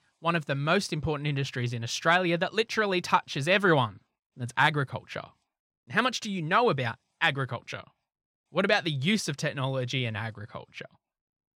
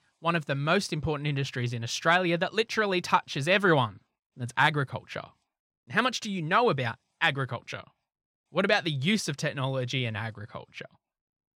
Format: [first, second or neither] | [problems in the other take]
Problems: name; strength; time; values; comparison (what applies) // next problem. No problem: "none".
neither | none